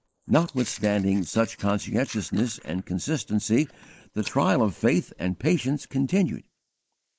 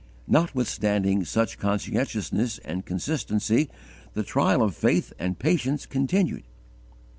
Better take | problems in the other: second | noise reduction (neural mask model Resemble Enhance denoiser)

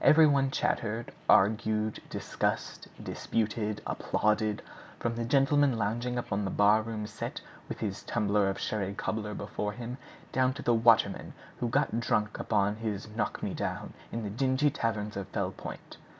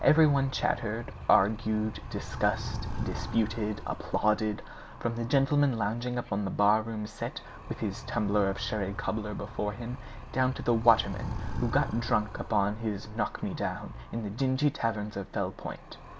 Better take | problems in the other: first | background sound (Animal); 10 dB below the speech

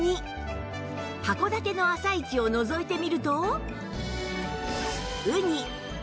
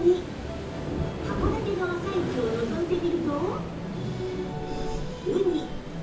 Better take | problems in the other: first | background sound (Waves, surf); 5 dB below the speech // room echo; dies away in 0.6 s

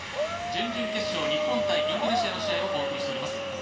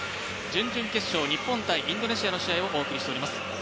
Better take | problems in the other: second | background sound (Dog); 2 dB above the speech // room echo; dies away in 2.4 s

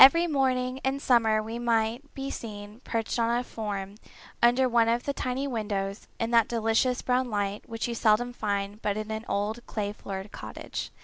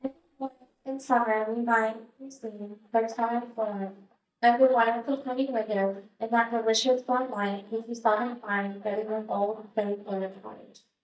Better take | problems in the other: first | noise reduction (neural mask model DeepFilterNet 3)

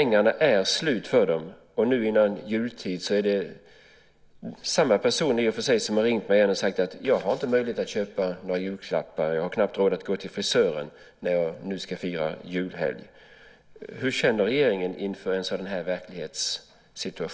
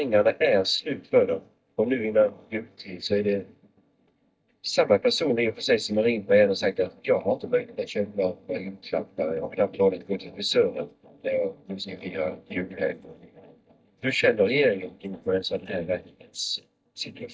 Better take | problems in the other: first | noise reduction (neural mask model DeepFilterNet 3)

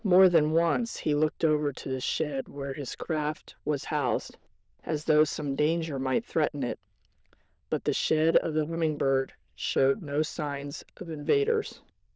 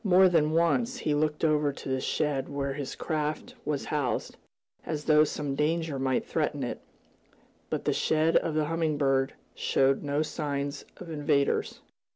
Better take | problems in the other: second | noise reduction (neural diffusion model UNIVERSE++)

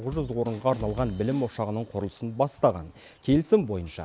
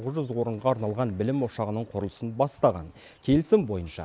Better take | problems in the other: second | background sound (Bass drum / Drum kit); 17 dB below the speech

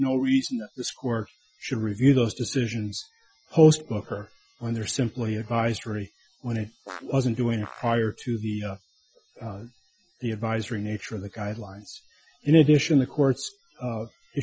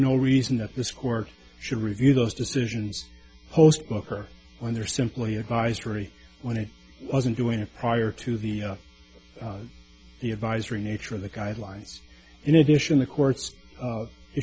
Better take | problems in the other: second | noise reduction (classical method Wiener filter)

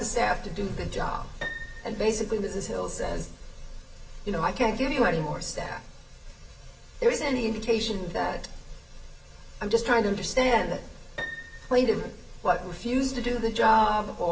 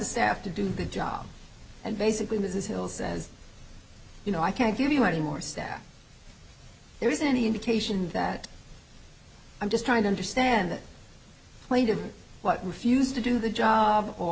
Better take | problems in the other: second | background sound (Piano); 14 dB below the speech // room echo; dies away in 0.6 s

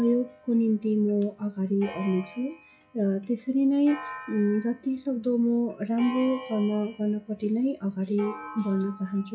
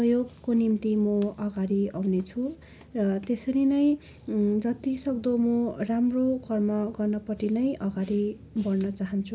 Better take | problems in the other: second | noise reduction (classical method log-MMSE)

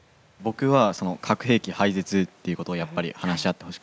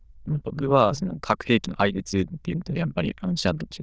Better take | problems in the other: first | noise reduction (neural diffusion model UNIVERSE++)

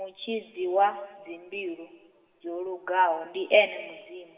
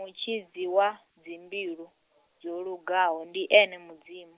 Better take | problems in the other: second | room echo; dies away in 3 s

